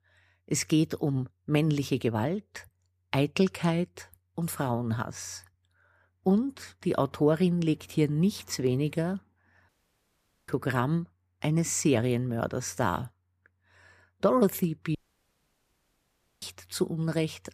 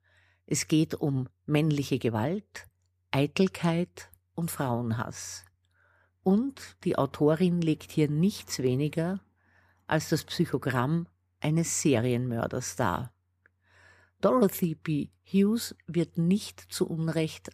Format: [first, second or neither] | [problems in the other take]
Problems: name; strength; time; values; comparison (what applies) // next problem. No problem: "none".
second | audio cutting out; at 9.5 s for 1 s and at 15 s for 1.5 s